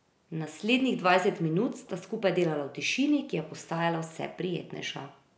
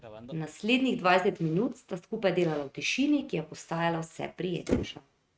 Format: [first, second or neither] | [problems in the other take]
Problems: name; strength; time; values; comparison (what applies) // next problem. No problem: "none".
first | noise reduction (neural mask model RNNoise)